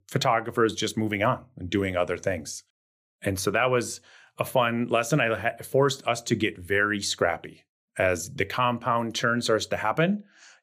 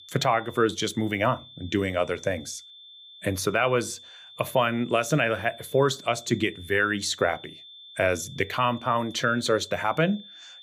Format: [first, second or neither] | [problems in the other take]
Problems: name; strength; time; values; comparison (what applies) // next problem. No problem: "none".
first | high-pitched whine; noticeable; throughout; 3.5 kHz, 20 dB below the speech